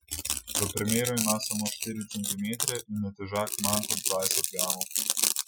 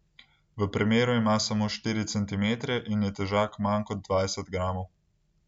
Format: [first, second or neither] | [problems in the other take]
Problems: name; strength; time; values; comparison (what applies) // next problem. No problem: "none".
second | noise reduction (classical method Wiener filter)